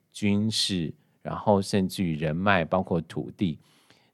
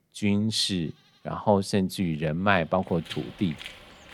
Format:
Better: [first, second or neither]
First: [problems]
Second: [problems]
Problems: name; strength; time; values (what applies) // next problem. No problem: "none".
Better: first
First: none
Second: animal sounds; noticeable; throughout; 15 dB below the speech